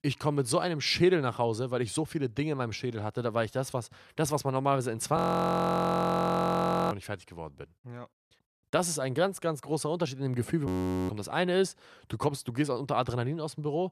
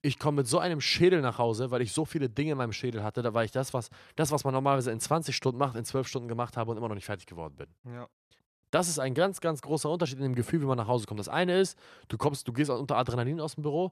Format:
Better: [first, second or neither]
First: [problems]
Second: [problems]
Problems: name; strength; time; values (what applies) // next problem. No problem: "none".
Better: second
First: audio freezing; at 5 s for 1.5 s and at 11 s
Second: none